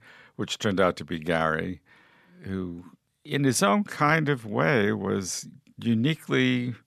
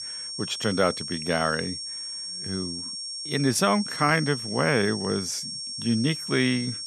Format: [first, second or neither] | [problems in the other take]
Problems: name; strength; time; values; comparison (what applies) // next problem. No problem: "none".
first | high-pitched whine; loud; throughout; 5.5 kHz, 6 dB below the speech